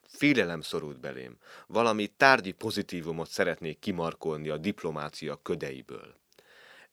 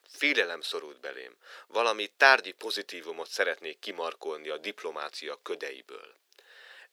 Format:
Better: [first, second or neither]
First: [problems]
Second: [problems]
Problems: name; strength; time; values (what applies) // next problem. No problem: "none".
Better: first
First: none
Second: thin; somewhat; fading below 400 Hz